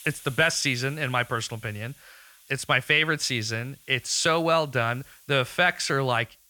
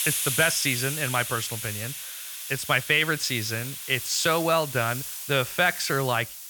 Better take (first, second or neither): first